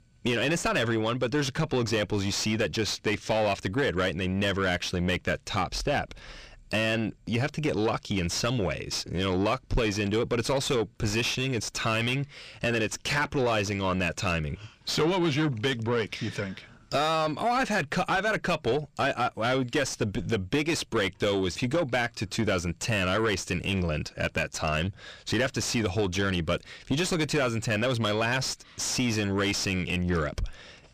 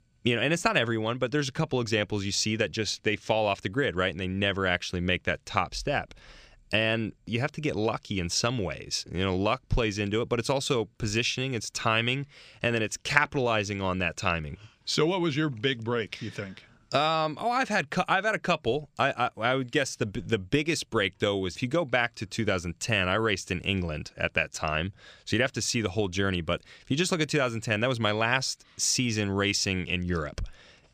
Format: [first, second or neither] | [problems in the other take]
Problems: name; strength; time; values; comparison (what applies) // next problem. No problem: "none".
second | distortion; heavy; 6 dB below the speech